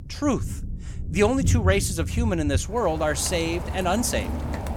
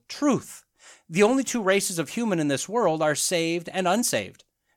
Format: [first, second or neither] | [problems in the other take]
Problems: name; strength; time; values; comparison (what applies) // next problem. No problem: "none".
second | rain or running water; loud; throughout; 4 dB below the speech